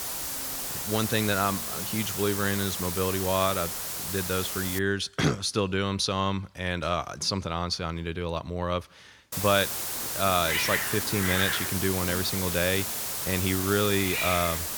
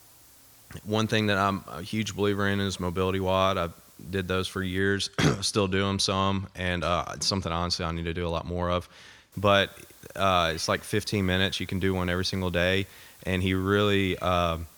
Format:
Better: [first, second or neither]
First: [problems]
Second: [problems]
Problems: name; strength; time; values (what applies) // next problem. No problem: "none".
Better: second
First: hiss; loud; until 5 s and from 9.5 s on; 1 dB below the speech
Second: hiss; faint; until 5 s and from 9.5 s on; 25 dB below the speech